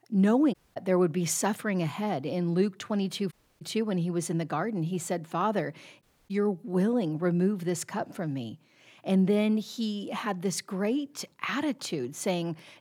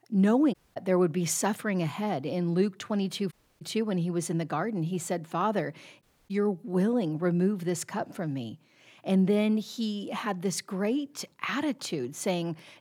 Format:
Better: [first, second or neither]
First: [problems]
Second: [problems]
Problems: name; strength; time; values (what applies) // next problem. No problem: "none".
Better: neither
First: audio cutting out; at 0.5 s, at 3.5 s and at 6 s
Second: audio cutting out; at 0.5 s, at 3.5 s and at 6 s